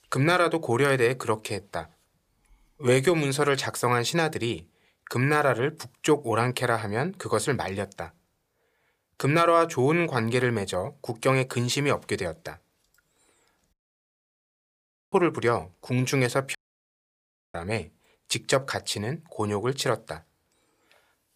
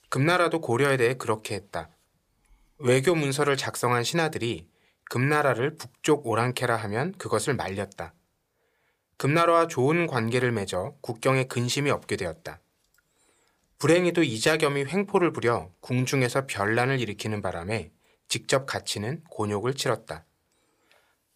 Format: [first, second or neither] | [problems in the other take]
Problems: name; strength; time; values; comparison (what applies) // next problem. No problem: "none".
second | audio cutting out; at 14 s for 1.5 s and at 17 s for 1 s